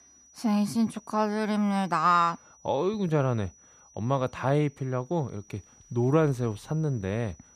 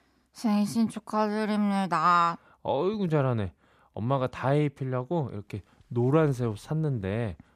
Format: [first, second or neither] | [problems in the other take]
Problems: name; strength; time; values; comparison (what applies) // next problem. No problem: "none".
second | high-pitched whine; faint; throughout; 6 kHz, 25 dB below the speech